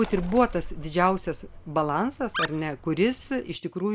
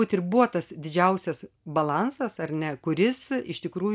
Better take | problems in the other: second | background sound (Bird + Animal); 10 dB below the speech

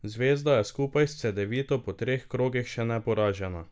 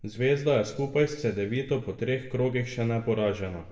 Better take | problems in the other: first | room echo; dies away in 0.9 s

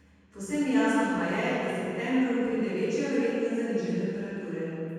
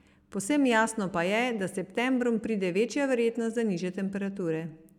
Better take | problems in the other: second | room echo; dies away in 2.1 s

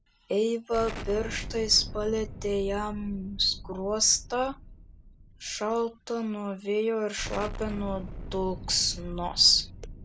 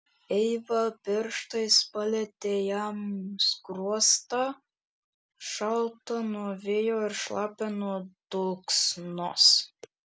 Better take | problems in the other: second | background sound (Explosion); 11 dB below the speech

